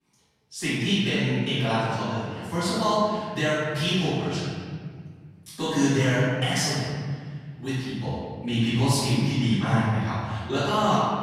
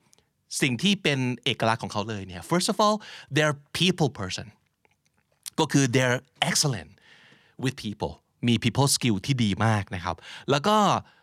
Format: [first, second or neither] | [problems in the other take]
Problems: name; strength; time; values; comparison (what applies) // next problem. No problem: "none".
second | off-mic speech; far // room echo; strong; dies away in 1.8 s